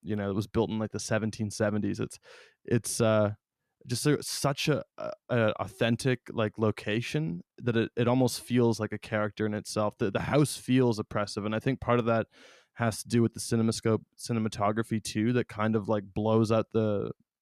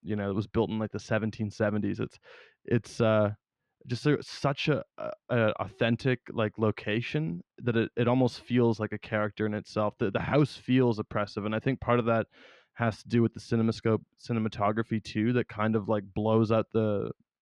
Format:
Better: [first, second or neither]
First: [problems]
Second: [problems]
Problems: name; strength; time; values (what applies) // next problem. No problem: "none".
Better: first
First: none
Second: muffled; slightly; fading above 3 kHz